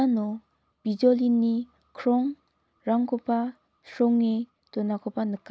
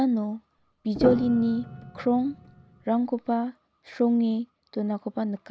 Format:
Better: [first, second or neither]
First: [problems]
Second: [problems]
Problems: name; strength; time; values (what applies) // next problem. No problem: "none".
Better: first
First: none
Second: background sound (Piano); 9 dB below the speech